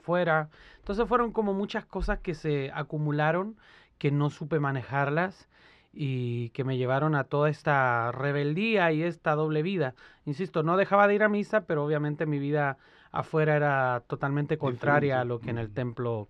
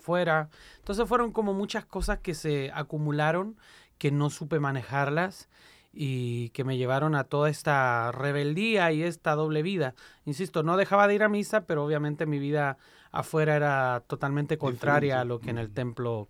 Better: second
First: muffled; slightly; fading above 3.5 kHz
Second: none

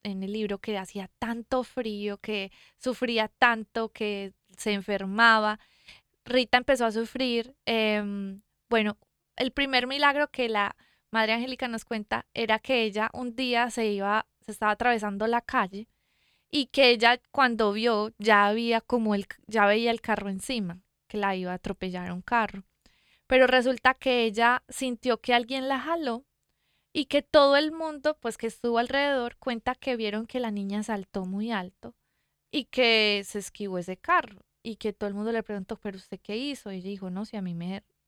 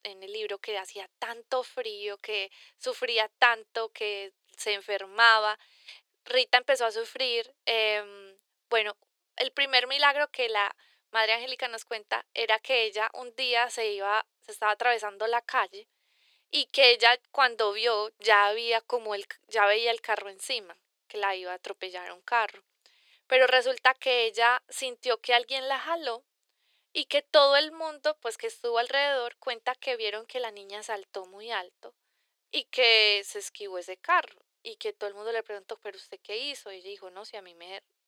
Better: first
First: none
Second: thin; very; fading below 400 Hz

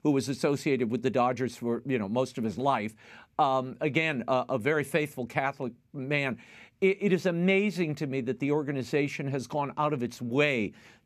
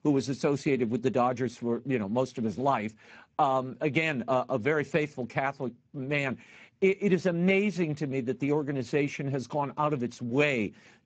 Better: first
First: none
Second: garbled, watery; badly; nothing above 7.5 kHz

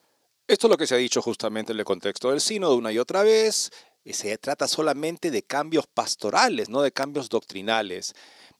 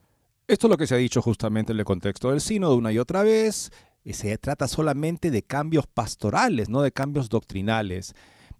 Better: second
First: thin; somewhat; fading below 400 Hz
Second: none

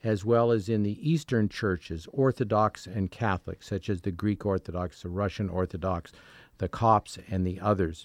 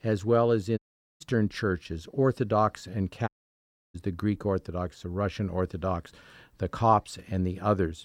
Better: first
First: none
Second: audio cutting out; at 1 s and at 3.5 s for 0.5 s

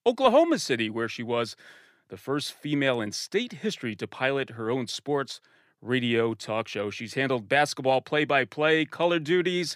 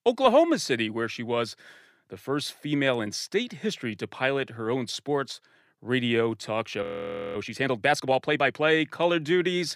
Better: first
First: none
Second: audio freezing; at 7 s for 0.5 s

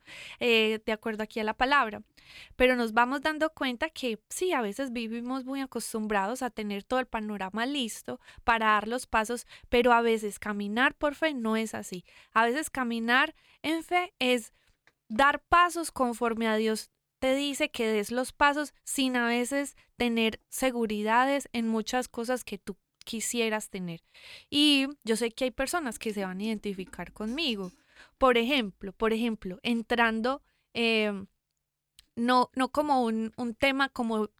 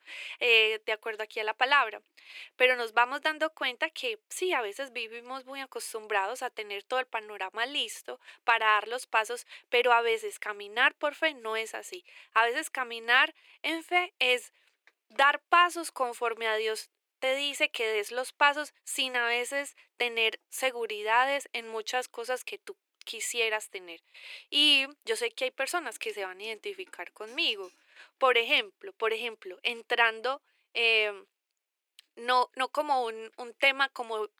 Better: first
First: none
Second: thin; very; fading below 350 Hz

